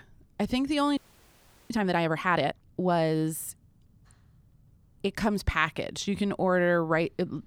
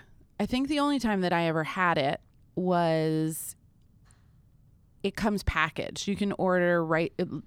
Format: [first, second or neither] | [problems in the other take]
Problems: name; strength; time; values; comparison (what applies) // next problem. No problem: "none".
second | audio freezing; at 1 s for 0.5 s